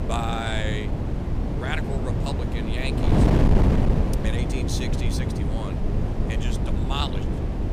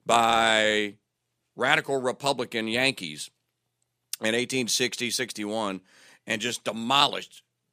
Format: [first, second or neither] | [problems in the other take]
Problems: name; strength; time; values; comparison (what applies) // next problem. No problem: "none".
second | wind noise on the microphone; heavy; as loud as the speech